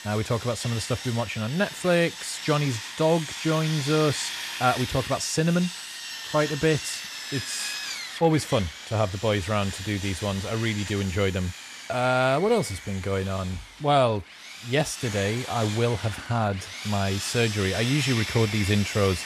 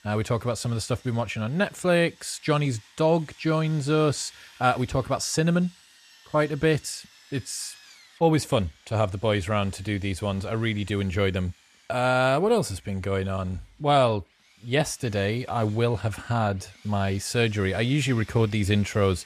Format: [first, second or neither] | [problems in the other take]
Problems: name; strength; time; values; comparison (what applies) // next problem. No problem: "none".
second | machinery noise; loud; throughout; 8 dB below the speech; faint in the second